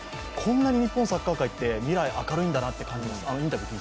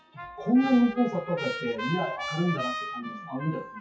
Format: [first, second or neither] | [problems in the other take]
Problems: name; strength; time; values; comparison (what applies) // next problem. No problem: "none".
first | noise reduction (classical method WPE with log-MMSE)